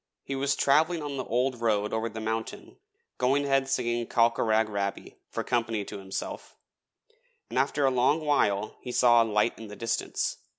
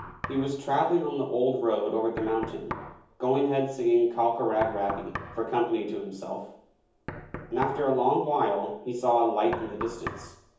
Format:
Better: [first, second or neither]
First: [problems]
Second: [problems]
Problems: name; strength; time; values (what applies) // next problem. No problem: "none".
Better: first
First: none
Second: background sound (Knock); 15 dB below the speech // room echo; dies away in 0.7 s